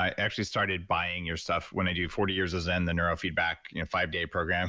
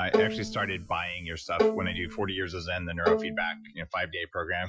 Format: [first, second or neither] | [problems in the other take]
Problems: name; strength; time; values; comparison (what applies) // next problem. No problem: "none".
first | noise reduction (classical method Wiener filter)